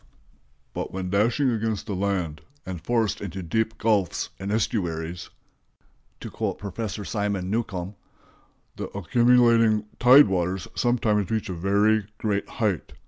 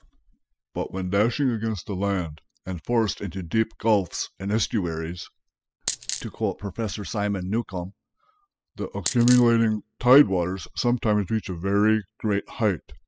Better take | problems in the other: first | noise reduction (classical method spectral subtraction)

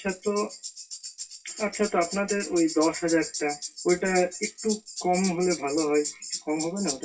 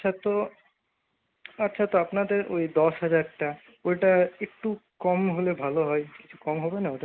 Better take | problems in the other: second | noise reduction (classical method WPE with log-MMSE)

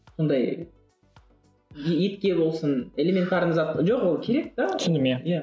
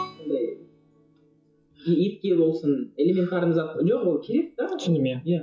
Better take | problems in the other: first | noise reduction (classical method WPE with log-MMSE)

